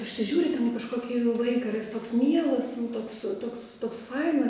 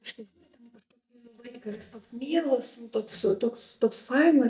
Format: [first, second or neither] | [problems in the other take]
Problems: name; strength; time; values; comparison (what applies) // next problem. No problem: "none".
first | noise reduction (neural mask model DeepFilterNet 3)